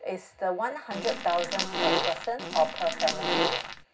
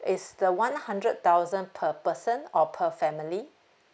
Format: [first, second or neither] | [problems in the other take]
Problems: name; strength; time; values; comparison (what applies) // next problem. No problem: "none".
second | background sound (Fart); as loud as the speech // room echo; dies away in 0.4 s